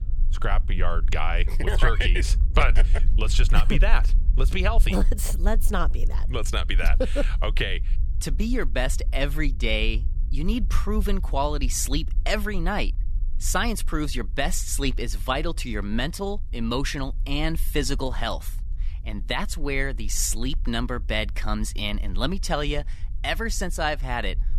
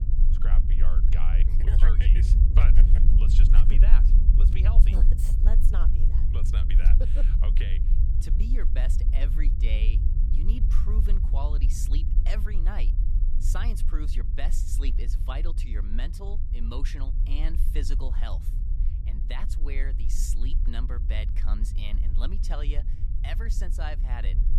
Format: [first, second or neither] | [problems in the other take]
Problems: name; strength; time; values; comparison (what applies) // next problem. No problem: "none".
first | low rumble; loud; throughout; 5 dB below the speech; faint in the first